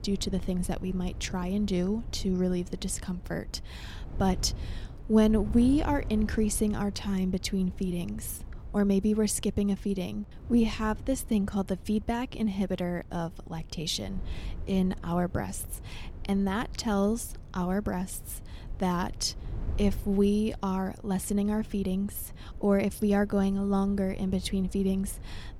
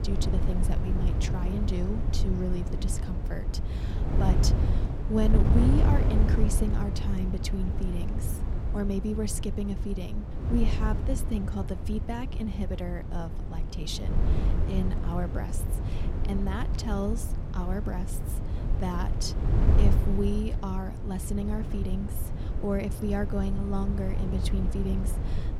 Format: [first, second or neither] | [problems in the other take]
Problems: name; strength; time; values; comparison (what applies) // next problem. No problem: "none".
first | wind noise on the microphone; heavy; 4 dB below the speech; occasional gusts in the first